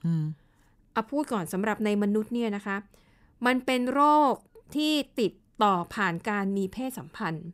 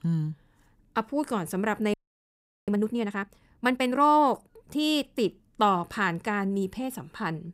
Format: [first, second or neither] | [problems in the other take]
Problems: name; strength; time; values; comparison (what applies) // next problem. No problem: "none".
first | audio freezing; at 2 s for 0.5 s